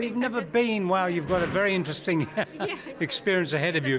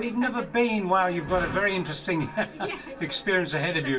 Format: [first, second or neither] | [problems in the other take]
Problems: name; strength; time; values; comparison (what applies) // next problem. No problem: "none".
first | room echo; dies away in 0.2 s